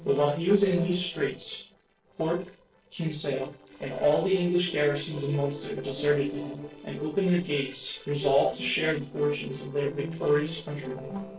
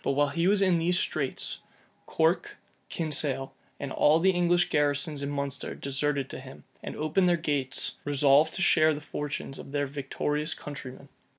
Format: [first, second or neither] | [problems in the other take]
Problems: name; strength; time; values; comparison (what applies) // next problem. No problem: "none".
second | noise reduction (neural separator model SepFormer DNS4)